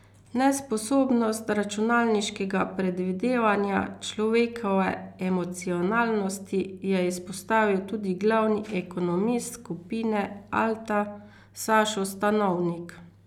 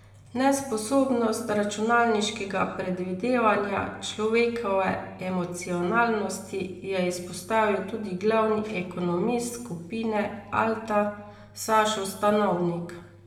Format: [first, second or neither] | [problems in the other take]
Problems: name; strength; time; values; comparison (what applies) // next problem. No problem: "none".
first | room echo; dies away in 0.8 s